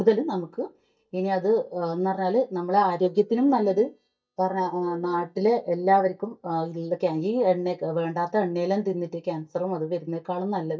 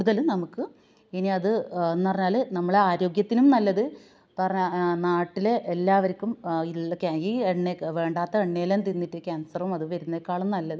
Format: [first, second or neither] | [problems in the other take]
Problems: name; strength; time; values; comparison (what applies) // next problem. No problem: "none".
second | noise reduction (neural mask model DeepFilterNet 3)